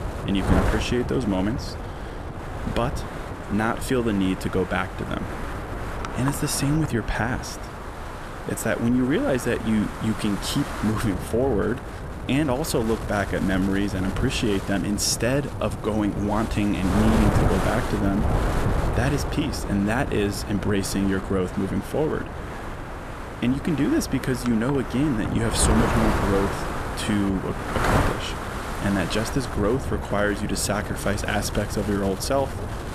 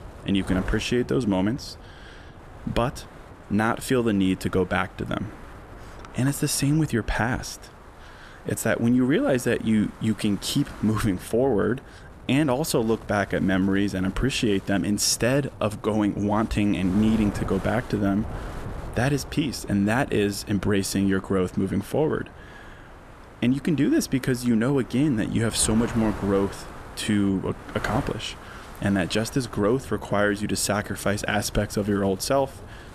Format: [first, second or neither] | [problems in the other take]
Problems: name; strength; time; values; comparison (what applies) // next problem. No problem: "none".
second | wind noise on the microphone; heavy; 4 dB below the speech; occasional gusts in the second